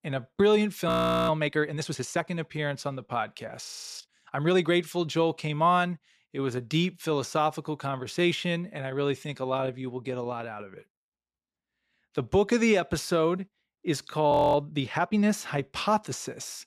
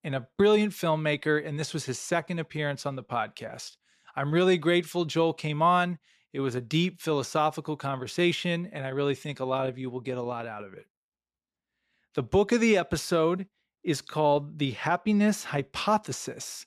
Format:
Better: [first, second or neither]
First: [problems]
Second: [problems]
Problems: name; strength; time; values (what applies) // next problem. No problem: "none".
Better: second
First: audio freezing; at 1 s, at 3.5 s and at 14 s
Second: none